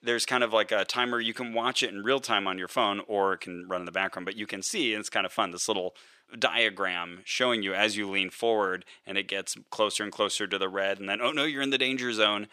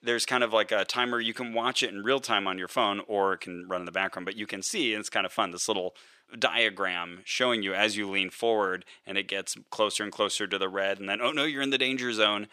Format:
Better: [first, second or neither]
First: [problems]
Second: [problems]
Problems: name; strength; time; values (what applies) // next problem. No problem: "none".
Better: neither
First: thin; somewhat; fading below 400 Hz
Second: thin; somewhat; fading below 400 Hz